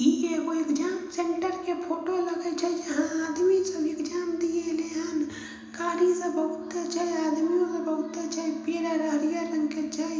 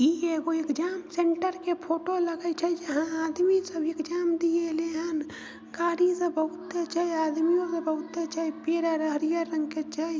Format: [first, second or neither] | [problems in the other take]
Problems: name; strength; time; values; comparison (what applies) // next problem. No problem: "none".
second | room echo; dies away in 1 s